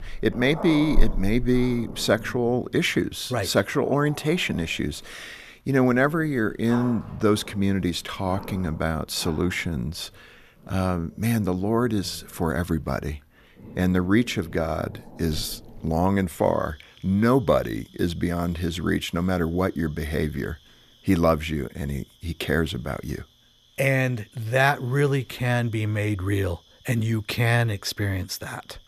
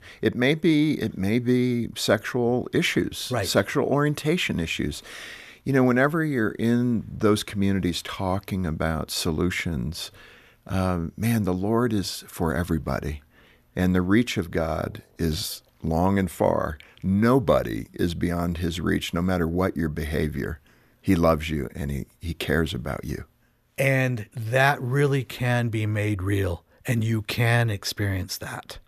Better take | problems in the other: second | animal sounds; noticeable; throughout; 15 dB below the speech

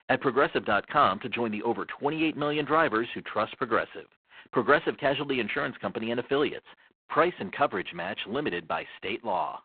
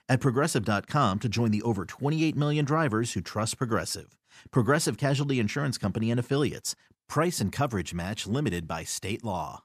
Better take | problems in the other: second | phone-call audio; poor line

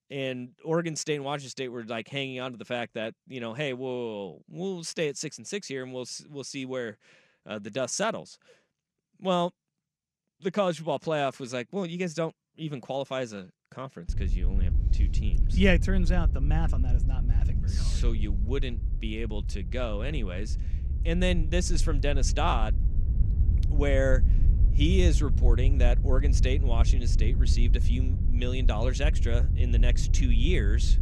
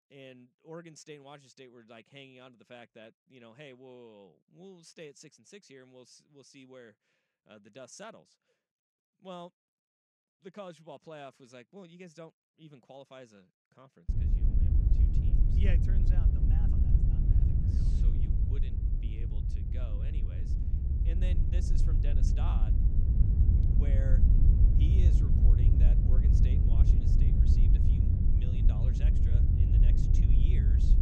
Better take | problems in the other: first | wind noise on the microphone; heavy; from 14 s on; 5 dB above the speech; occasional gusts in the first

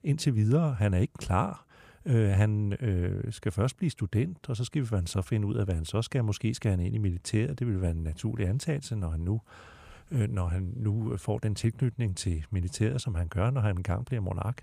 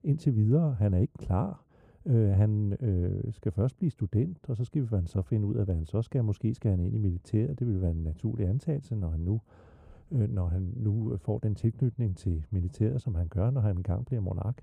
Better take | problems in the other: first | muffled; slightly; fading above 1 kHz

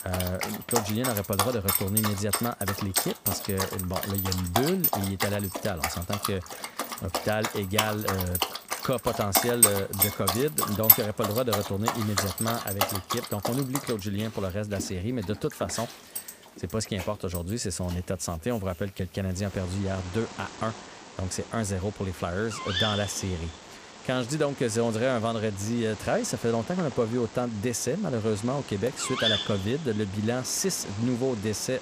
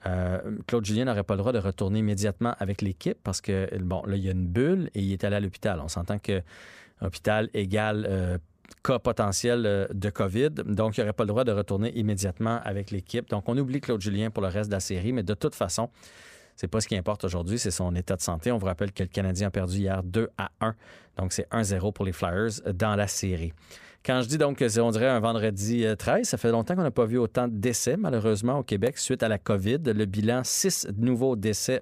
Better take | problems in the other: second | animal sounds; very loud; throughout; 2 dB above the speech

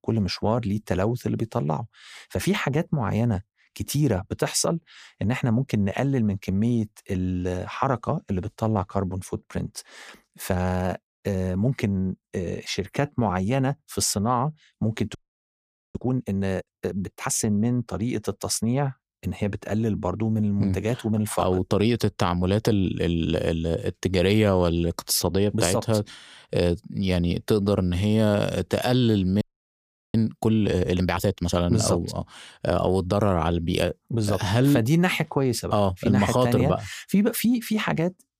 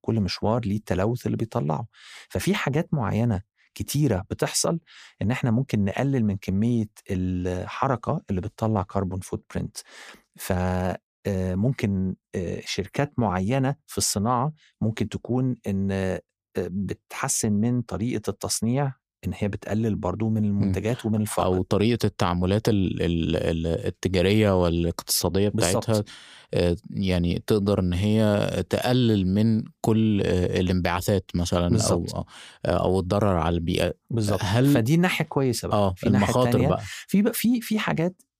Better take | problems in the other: second | audio freezing; at 15 s for 1 s and at 29 s for 0.5 s

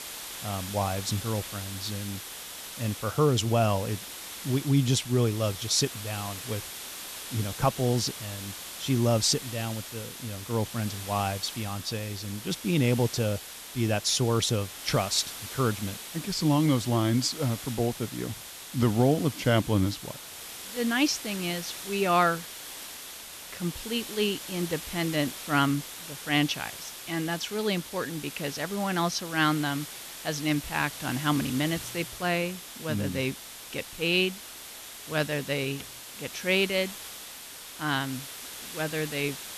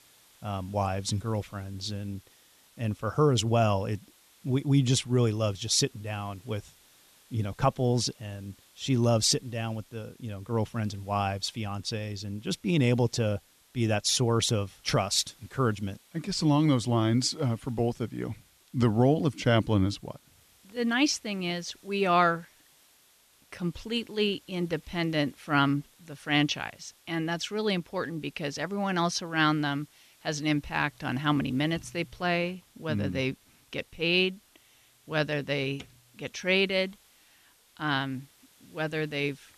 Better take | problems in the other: second | hiss; loud; throughout; 10 dB below the speech; faint in the second

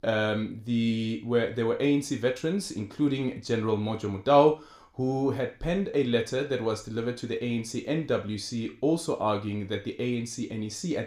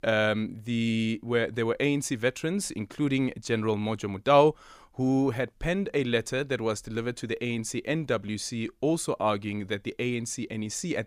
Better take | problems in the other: second | room echo; very slight; dies away in 0.4 s

